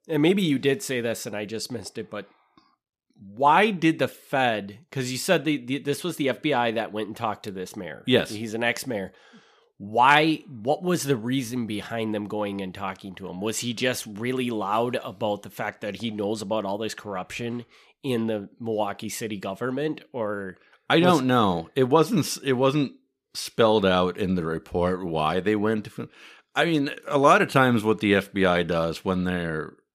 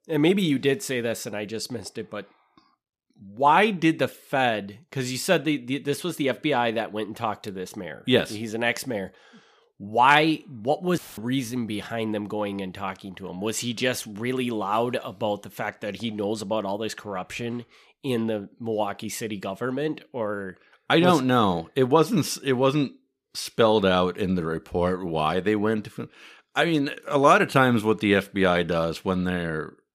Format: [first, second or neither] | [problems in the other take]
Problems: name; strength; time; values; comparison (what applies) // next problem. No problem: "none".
first | audio cutting out; filled with static; at 11 s